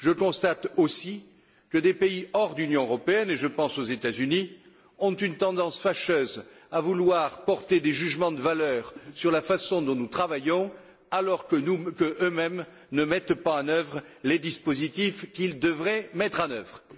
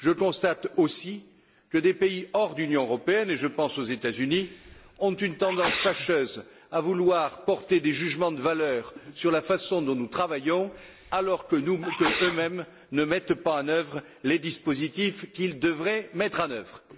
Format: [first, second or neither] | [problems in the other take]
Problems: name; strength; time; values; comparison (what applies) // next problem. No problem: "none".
first | background sound (Sneeze); 8 dB below the speech